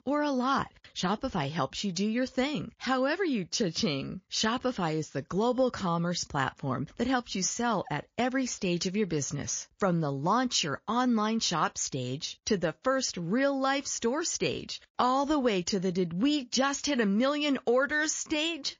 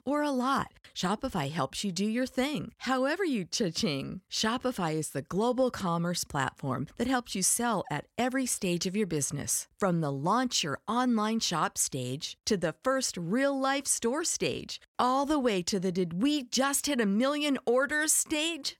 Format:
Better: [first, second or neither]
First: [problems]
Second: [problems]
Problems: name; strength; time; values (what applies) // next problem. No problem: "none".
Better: second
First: garbled, watery; slightly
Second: none